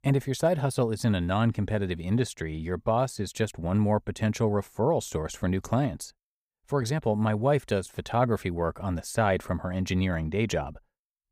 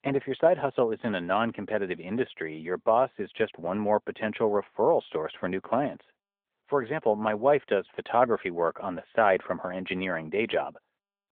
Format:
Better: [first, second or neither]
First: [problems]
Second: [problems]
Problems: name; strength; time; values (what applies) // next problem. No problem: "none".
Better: first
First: none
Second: phone-call audio